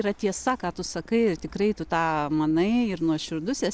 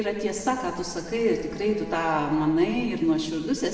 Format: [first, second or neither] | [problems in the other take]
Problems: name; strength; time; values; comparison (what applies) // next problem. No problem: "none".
first | background sound (Bowed string instrument); 20 dB below the speech // room echo; dies away in 1.9 s